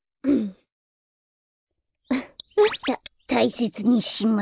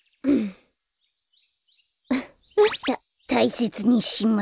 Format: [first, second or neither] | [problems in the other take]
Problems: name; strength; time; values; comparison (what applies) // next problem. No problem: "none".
second | noise reduction (neural mask model Resemble Enhance denoiser)